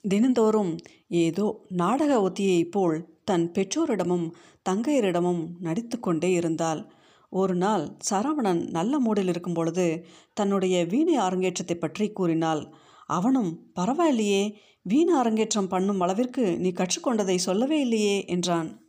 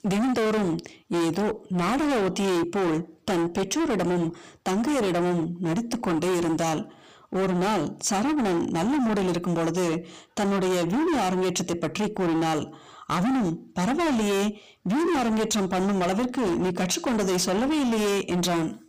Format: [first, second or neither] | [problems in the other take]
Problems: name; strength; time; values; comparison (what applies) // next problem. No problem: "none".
first | distortion; heavy; 37% of the sound clipped